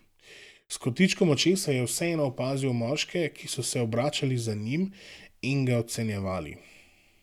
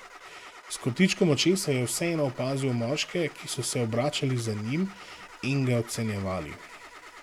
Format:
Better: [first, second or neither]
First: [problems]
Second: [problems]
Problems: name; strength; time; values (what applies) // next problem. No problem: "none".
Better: first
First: none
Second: background sound (Engine starting / Car); 19 dB below the speech